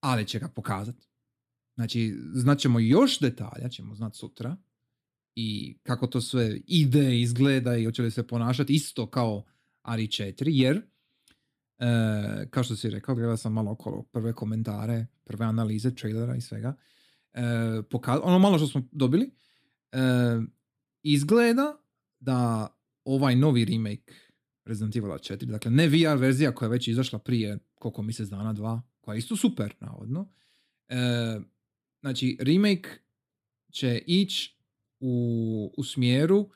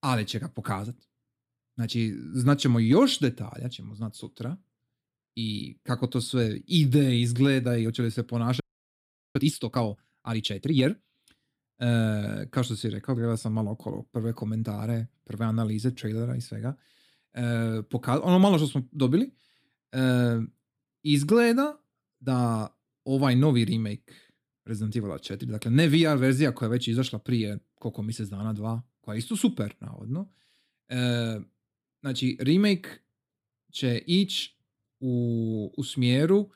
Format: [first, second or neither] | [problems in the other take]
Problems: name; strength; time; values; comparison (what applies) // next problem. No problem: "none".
first | audio freezing; at 8.5 s for 1 s